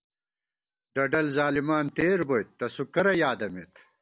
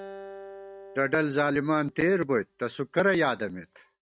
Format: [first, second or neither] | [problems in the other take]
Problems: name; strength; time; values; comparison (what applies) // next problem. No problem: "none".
first | noise reduction (neural mask model RNNoise)